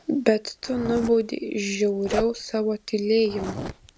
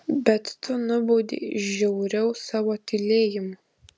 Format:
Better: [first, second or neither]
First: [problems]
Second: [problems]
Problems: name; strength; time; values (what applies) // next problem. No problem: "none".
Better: second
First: background sound (Zipper (clothing)); 12 dB below the speech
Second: none